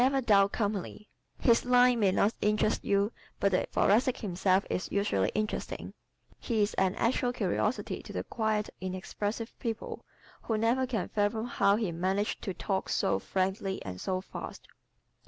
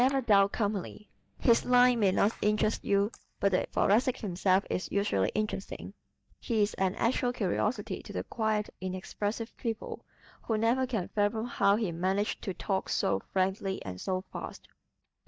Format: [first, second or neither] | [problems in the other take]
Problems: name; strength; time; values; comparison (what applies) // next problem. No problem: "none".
first | noise reduction (neural mask model DeepFilterNet 3)